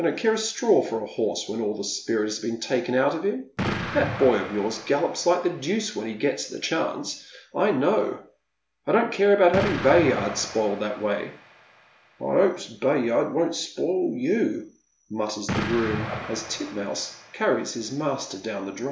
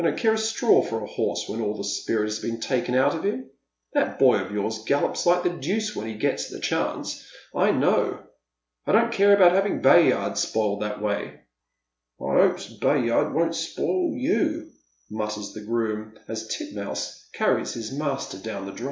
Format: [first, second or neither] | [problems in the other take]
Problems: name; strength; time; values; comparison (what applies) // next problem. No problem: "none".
second | background sound (Explosion); 12 dB below the speech